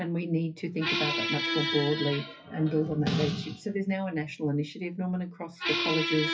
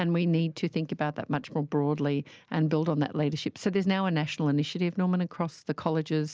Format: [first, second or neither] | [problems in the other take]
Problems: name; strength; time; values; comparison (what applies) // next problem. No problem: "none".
second | noise reduction (classical method WPE with log-MMSE)